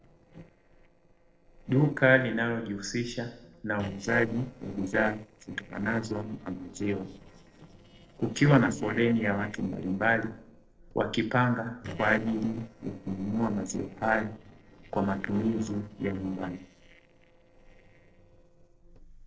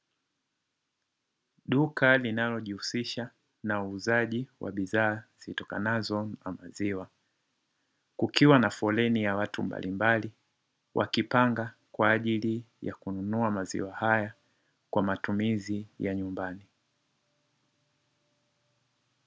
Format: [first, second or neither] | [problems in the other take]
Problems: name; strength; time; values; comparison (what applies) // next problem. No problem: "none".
second | noise reduction (neural separator model SepFormer DNS4)